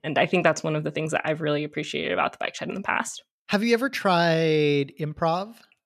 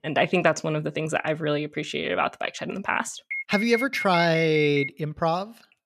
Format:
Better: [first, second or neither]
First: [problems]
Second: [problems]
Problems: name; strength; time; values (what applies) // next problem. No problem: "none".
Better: first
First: none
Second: alarm; noticeable; from 3.5 to 5 s; peak 5 dB below the speech